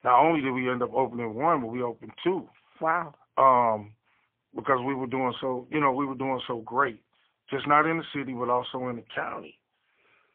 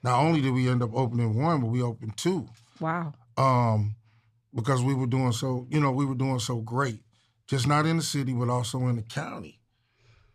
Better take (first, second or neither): second